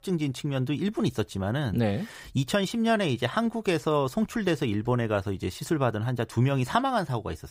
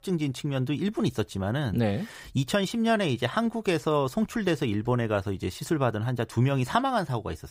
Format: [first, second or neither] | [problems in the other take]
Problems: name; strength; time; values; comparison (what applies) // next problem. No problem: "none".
neither | none